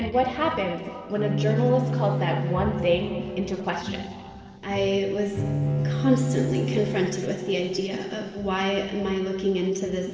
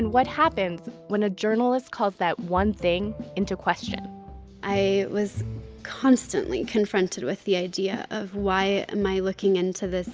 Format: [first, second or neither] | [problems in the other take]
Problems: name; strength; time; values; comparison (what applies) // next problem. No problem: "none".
second | background sound (Bowed string instrument); 3 dB below the speech // room echo; dies away in 2.2 s